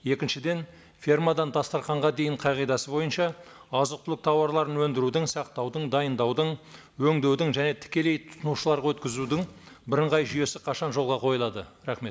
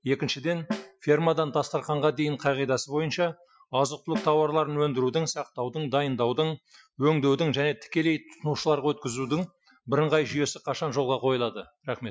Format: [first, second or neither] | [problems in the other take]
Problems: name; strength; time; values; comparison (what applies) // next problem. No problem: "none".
first | noise reduction (classical method Wiener filter)